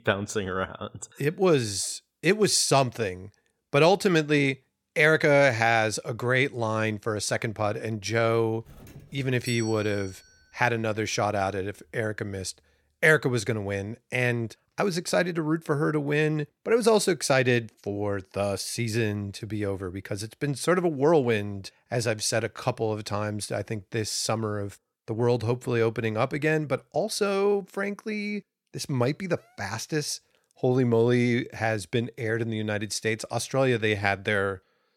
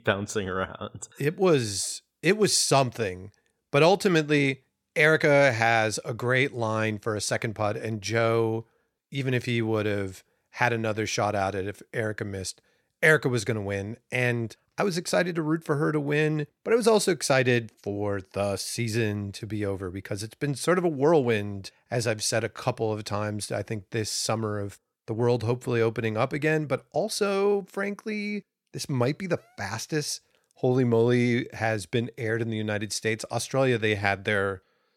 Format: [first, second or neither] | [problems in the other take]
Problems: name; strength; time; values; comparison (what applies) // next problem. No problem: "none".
second | doorbell; faint; from 8.5 to 10 s; peak 10 dB below the speech